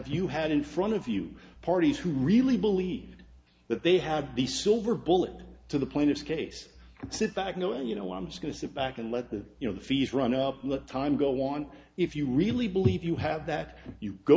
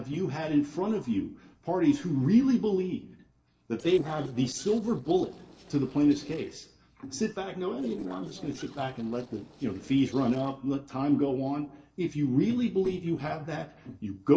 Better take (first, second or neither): first